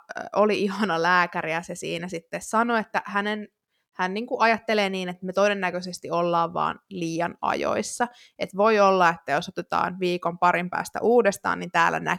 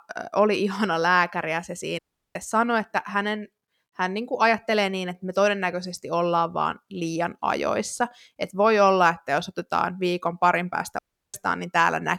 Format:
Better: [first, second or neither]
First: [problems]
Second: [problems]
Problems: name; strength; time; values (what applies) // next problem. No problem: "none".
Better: first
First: none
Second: audio cutting out; at 2 s and at 11 s